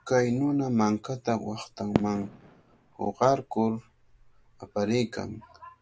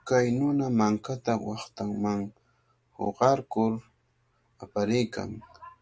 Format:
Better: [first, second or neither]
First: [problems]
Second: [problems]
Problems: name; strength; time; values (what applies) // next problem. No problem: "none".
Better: second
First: background sound (Fireworks); 10 dB below the speech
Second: none